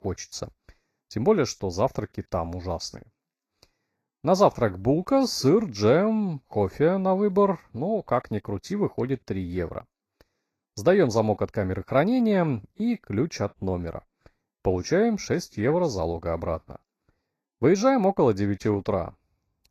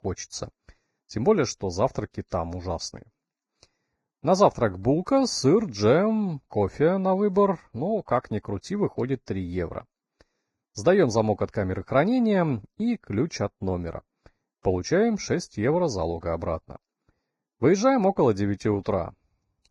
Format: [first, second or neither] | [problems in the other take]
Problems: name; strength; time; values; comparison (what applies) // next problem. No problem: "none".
first | garbled, watery; badly; nothing above 11.5 kHz; slightly in the first